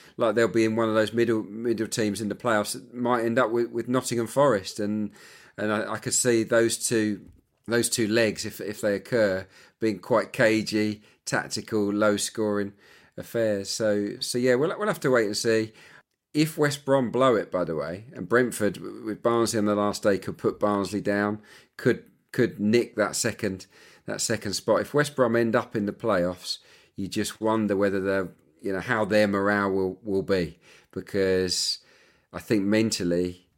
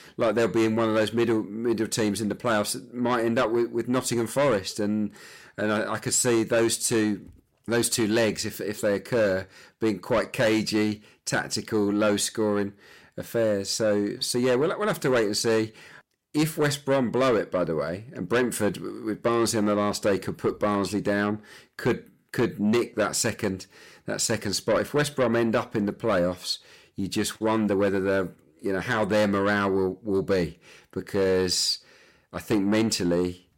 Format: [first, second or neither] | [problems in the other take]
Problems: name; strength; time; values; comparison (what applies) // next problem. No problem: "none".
first | distortion; slight; 10 dB below the speech